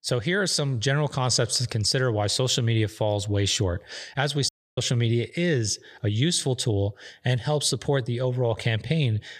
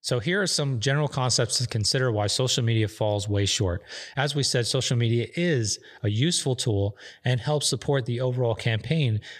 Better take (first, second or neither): second